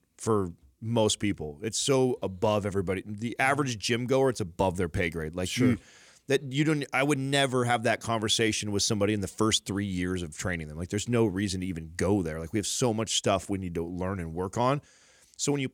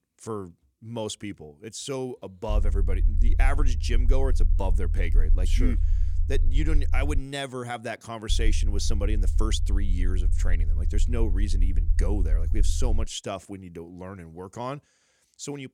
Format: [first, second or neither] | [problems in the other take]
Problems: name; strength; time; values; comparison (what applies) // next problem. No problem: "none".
first | low rumble; noticeable; from 2.5 to 7 s and from 8.5 to 13 s; 15 dB below the speech